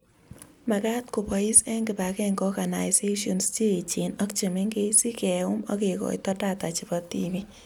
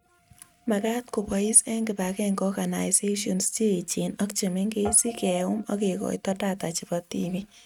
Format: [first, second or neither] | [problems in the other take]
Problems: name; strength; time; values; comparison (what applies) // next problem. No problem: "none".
first | noise reduction (neural mask model RNNoise)